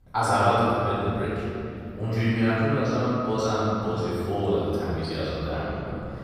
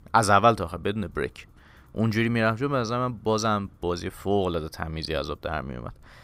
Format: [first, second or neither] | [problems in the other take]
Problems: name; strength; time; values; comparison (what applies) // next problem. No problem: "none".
second | room echo; strong; dies away in 3 s // off-mic speech; far